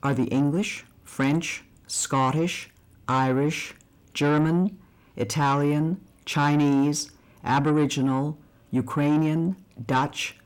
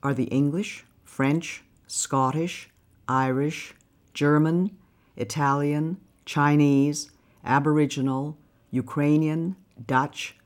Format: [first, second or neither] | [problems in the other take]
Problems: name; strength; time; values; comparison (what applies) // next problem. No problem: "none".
second | distortion; slight; 10 dB below the speech